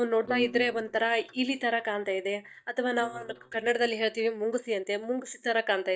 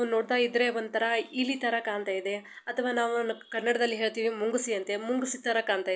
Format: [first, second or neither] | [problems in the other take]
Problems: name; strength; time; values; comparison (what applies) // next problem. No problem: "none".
second | noise reduction (neural mask model DeepFilterNet 3)